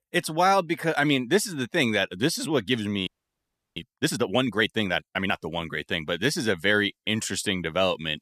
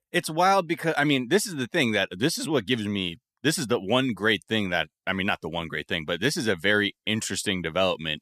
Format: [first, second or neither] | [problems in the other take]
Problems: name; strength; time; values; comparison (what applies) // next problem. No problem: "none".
second | audio freezing; at 3 s for 0.5 s